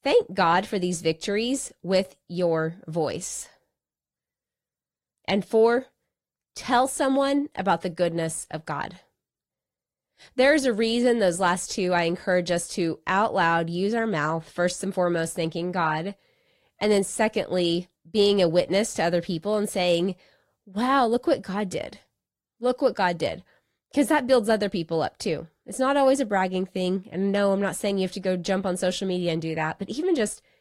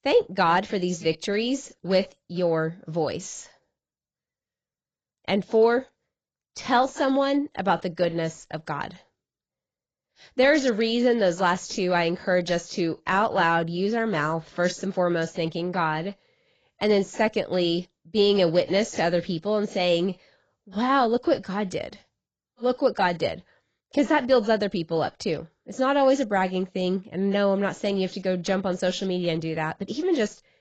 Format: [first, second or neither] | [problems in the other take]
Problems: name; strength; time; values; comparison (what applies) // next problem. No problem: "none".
first | garbled, watery; badly; nothing above 7.5 kHz; slightly in the first